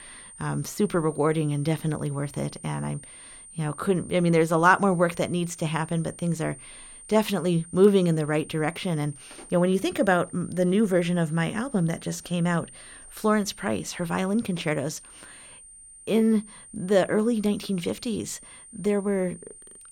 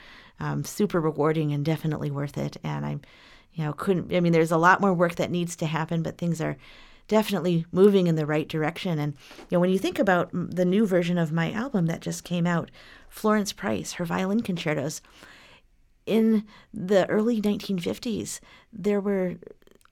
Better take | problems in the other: second | high-pitched whine; noticeable; throughout; 9 kHz, 20 dB below the speech

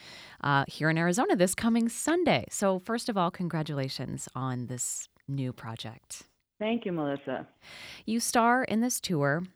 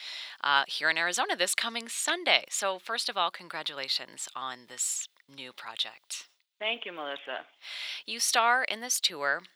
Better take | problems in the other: first | thin; very; fading below 700 Hz

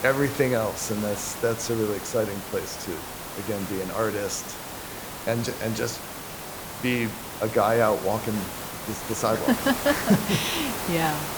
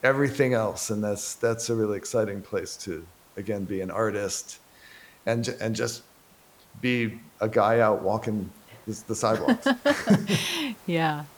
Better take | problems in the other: second | hiss; loud; throughout; 7 dB below the speech; faint in the second

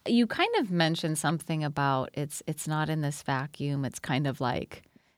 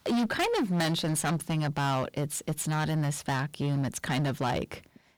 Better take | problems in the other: first | distortion; heavy; 18% of the sound clipped

